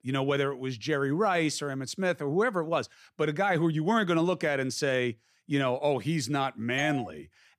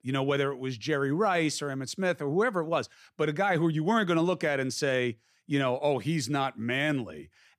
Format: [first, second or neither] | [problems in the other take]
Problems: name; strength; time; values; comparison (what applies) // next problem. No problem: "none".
second | doorbell; noticeable; at 7 s; peak 9 dB below the speech